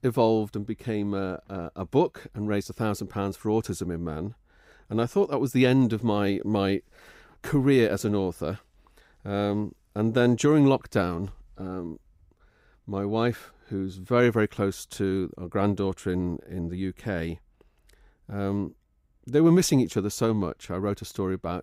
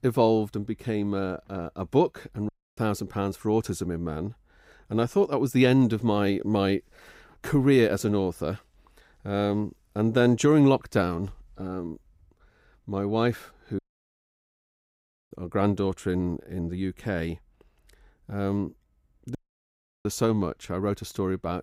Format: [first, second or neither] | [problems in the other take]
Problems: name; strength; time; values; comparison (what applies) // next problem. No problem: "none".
first | audio cutting out; at 2.5 s, at 14 s for 1.5 s and at 19 s for 0.5 s